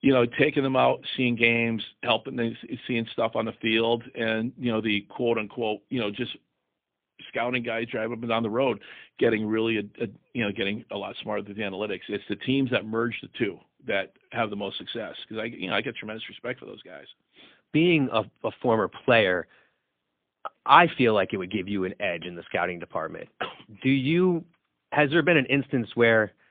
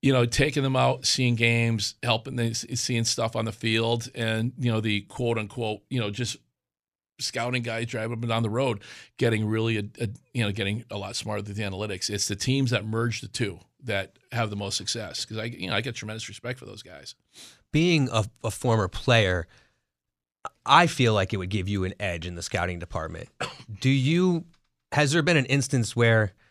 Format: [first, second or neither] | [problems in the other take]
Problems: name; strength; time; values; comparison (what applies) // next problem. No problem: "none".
second | phone-call audio; poor line; nothing above 3.5 kHz